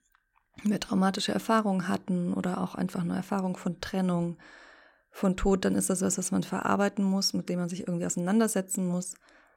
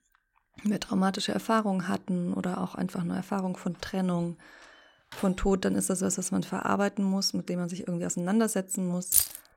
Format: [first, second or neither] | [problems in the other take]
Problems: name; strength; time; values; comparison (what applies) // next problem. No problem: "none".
first | door banging; faint; from 3.5 to 5.5 s; peak 15 dB below the speech // jangling keys; loud; at 9 s; peak 6 dB above the speech